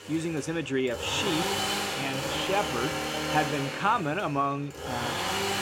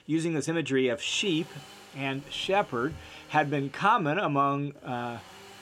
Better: second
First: machinery noise; loud; throughout; as loud as the speech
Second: machinery noise; faint; throughout; 20 dB below the speech

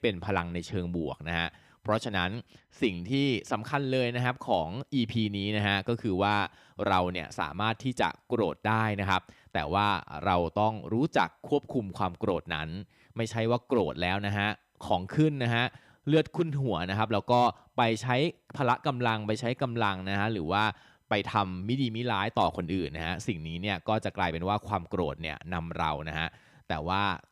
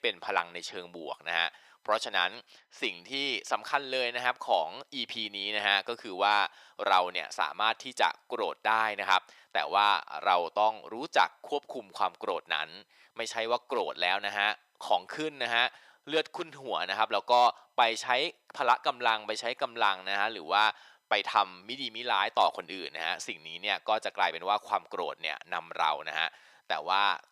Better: first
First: none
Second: thin; very; fading below 750 Hz

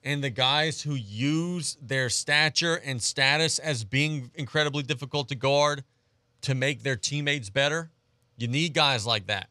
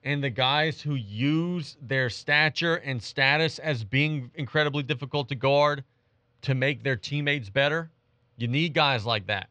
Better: first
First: none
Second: muffled; slightly; fading above 3.5 kHz

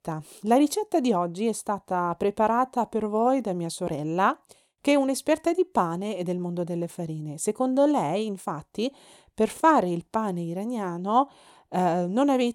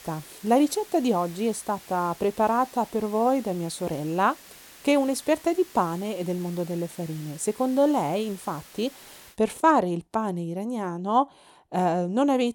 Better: first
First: none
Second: hiss; noticeable; until 9.5 s; 20 dB below the speech

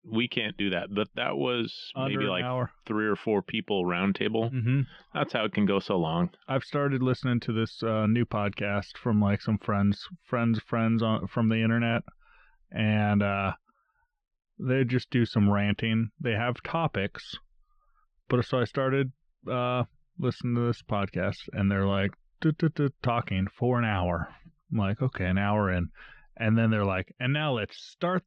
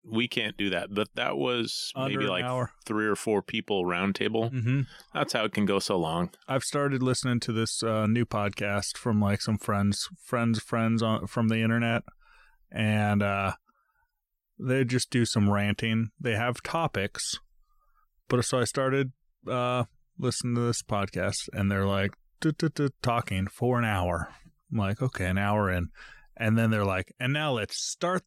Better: second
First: muffled; slightly; fading above 3.5 kHz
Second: none

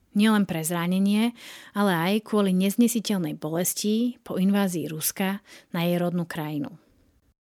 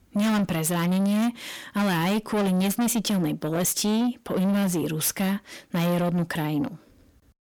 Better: first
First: none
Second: distortion; heavy; 7 dB below the speech

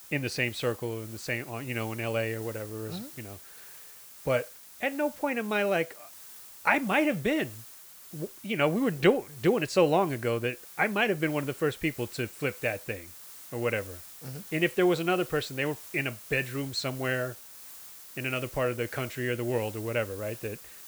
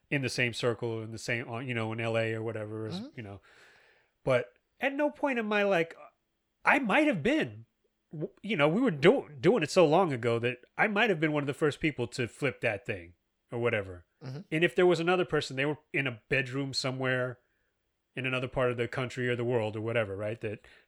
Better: second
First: hiss; noticeable; throughout; 15 dB below the speech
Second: none

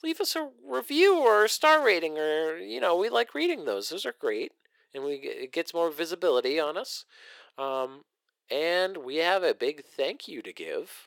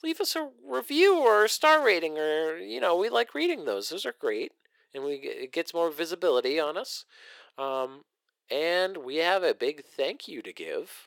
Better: neither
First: thin; very; fading below 400 Hz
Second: thin; very; fading below 400 Hz

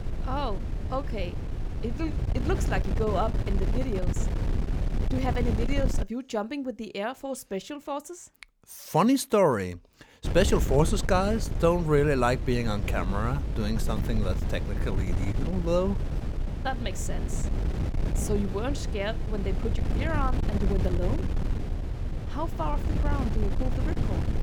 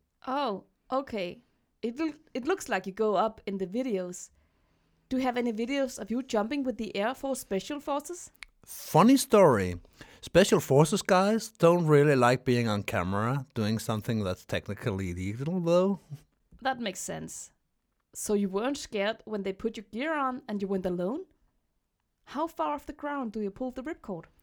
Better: second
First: wind noise on the microphone; occasional gusts; until 6 s and from 10 s on; 10 dB below the speech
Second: none

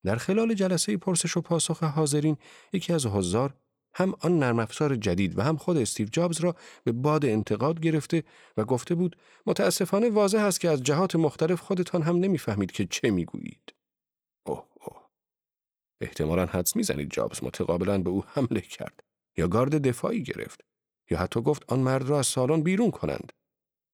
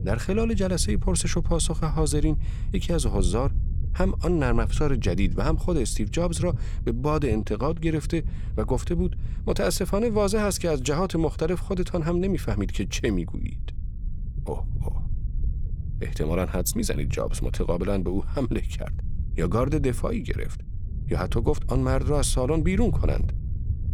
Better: first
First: none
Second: low rumble; noticeable; throughout; 20 dB below the speech

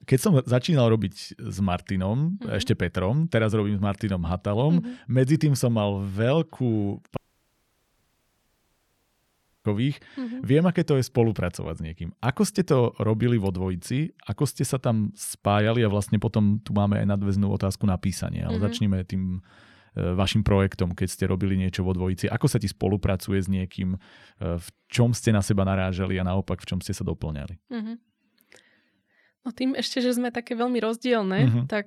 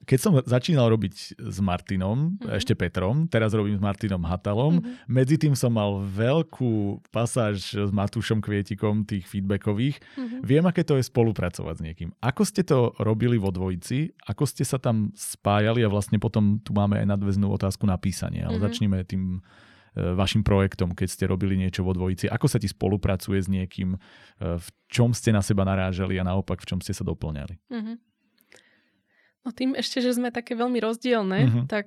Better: second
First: audio cutting out; at 7 s for 2.5 s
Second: none

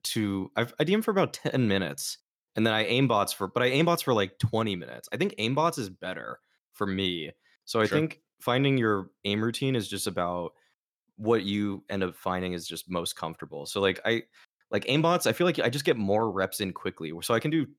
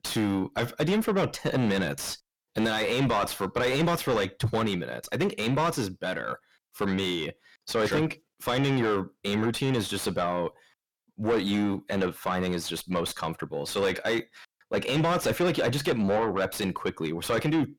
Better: first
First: none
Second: distortion; heavy; 6 dB below the speech

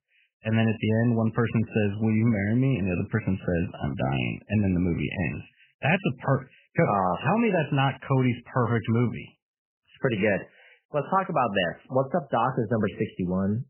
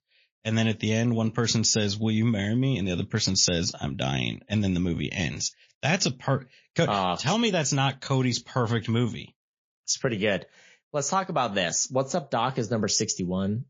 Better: second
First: garbled, watery; badly; nothing above 3 kHz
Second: garbled, watery; slightly; nothing above 6.5 kHz

